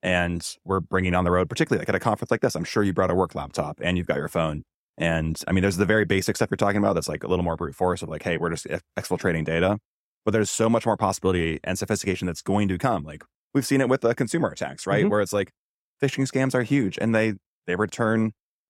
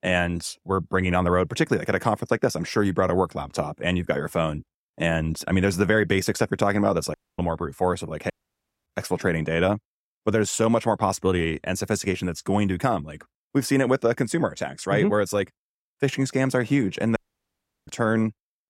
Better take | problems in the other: first | audio cutting out; at 7 s, at 8.5 s for 0.5 s and at 17 s for 0.5 s

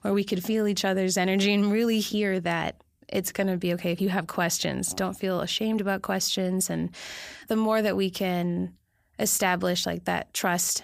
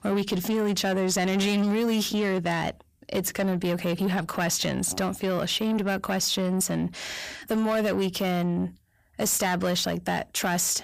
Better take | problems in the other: first | distortion; slight; 10 dB below the speech

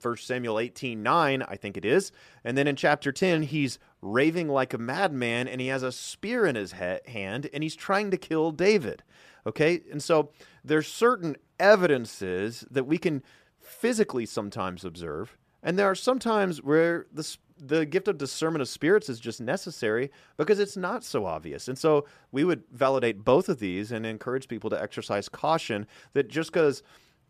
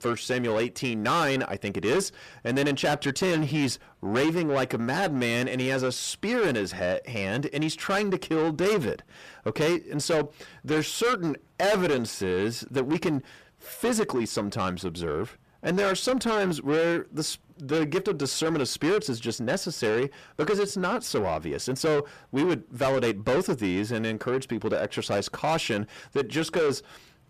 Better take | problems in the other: first | distortion; heavy; 6 dB below the speech

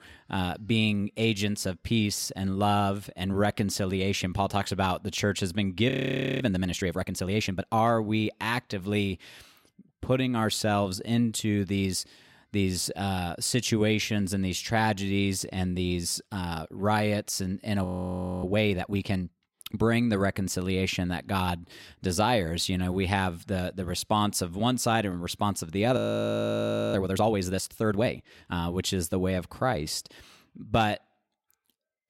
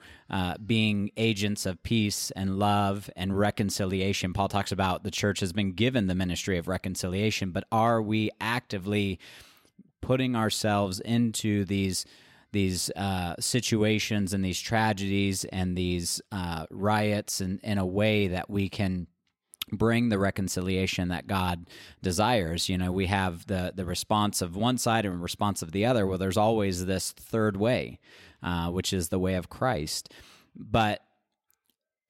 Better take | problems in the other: second | audio freezing; at 6 s for 0.5 s, at 18 s for 0.5 s and at 26 s for 1 s

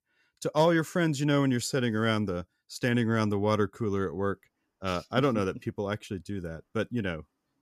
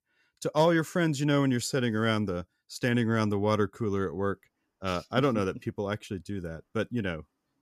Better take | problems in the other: neither | none

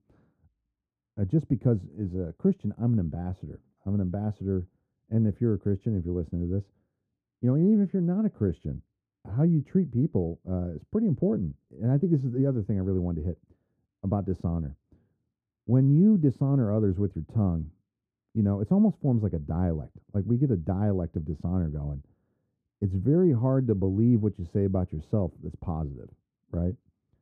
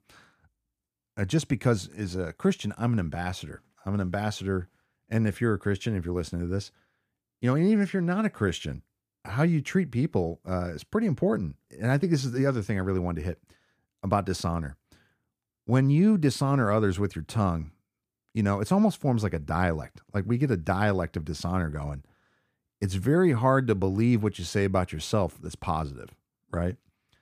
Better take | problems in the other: second | muffled; very; fading above 1 kHz

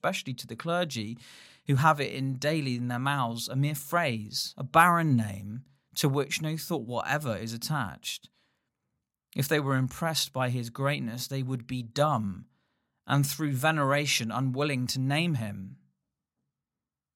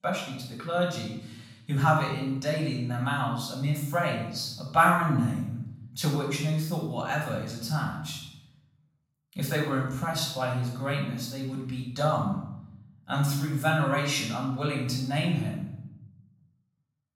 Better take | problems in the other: first | off-mic speech; far // room echo; noticeable; dies away in 0.8 s

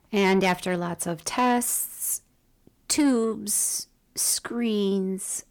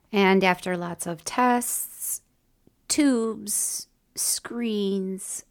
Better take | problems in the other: second | distortion; slight; 10 dB below the speech

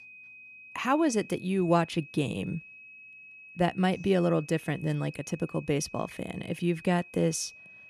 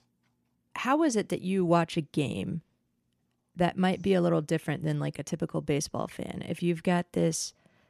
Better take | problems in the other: second | high-pitched whine; noticeable; throughout; 2.5 kHz, 20 dB below the speech

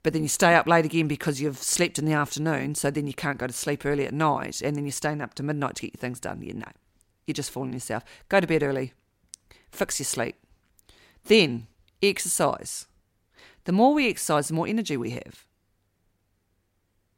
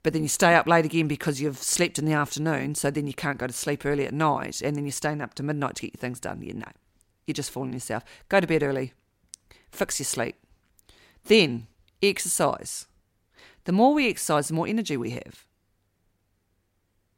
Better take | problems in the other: neither | none

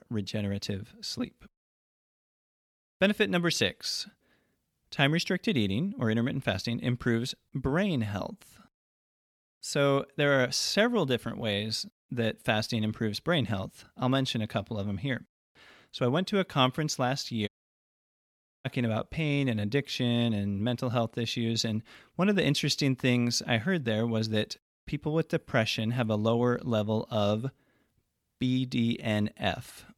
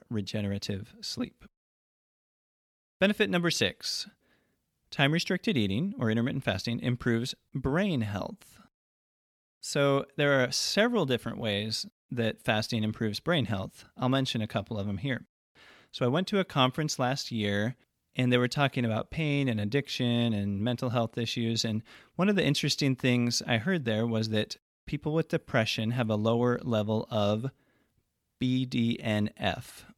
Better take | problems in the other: second | audio cutting out; at 17 s for 1 s

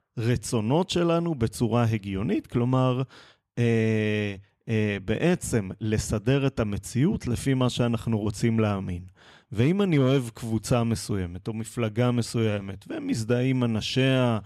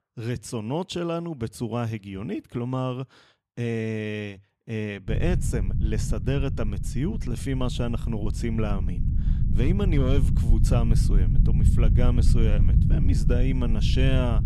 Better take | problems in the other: first | low rumble; loud; from 5 s on; 6 dB below the speech

